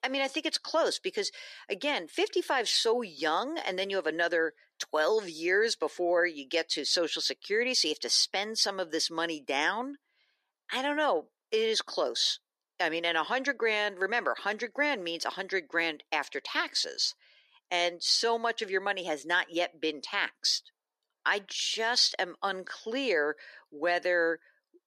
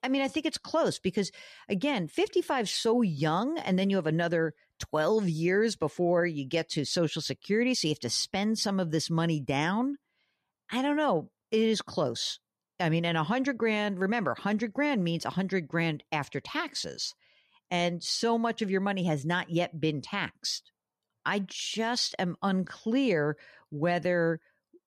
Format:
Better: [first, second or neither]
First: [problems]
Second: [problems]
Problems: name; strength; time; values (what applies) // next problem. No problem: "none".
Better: second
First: thin; very; fading below 350 Hz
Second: none